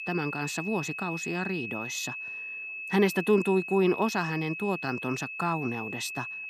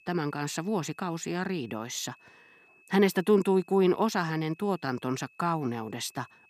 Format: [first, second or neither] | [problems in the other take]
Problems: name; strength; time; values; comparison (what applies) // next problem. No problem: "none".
second | high-pitched whine; loud; throughout; 2.5 kHz, 6 dB below the speech; faint in the second